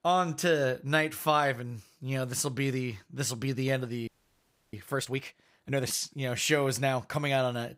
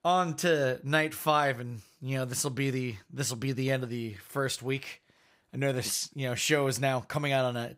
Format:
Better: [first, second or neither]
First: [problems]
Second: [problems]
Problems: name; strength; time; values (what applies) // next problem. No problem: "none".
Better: second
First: audio freezing; at 4 s for 0.5 s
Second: none